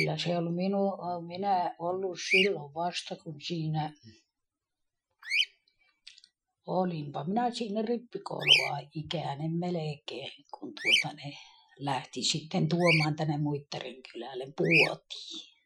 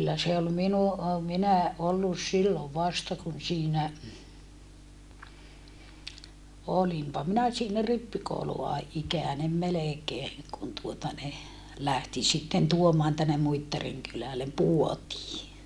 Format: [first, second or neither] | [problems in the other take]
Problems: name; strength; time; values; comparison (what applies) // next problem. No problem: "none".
second | noise reduction (classical method Wiener filter)